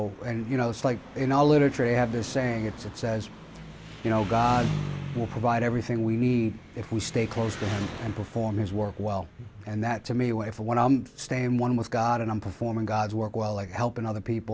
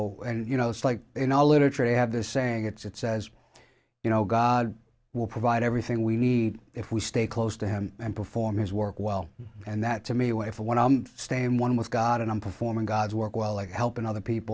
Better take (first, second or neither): second